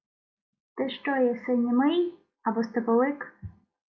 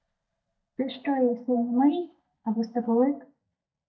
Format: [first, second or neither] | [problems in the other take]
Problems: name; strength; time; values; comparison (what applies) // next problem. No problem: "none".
first | noise reduction (neural mask model DeepFilterNet 3)